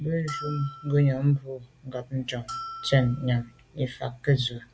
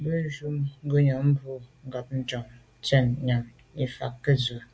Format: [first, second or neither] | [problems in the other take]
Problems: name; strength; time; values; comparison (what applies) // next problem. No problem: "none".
second | background sound (Bell); 13 dB below the speech